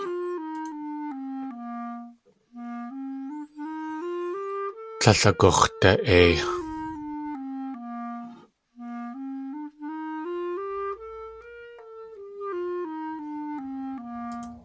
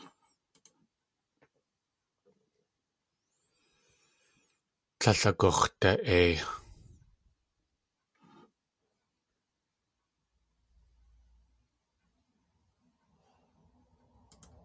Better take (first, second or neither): second